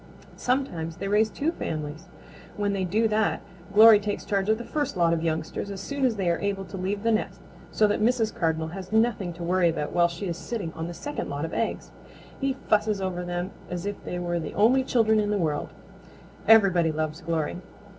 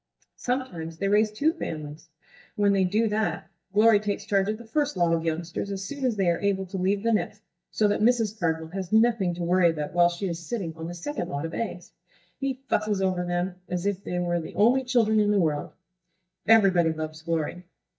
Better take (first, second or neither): first